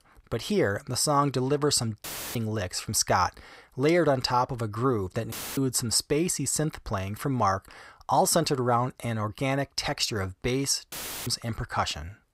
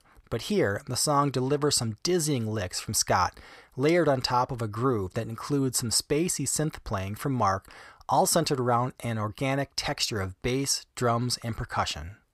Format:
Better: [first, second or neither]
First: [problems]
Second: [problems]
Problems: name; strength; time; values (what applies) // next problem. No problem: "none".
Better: second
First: audio cutting out; filled with static; at 2 s, at 5.5 s and at 11 s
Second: none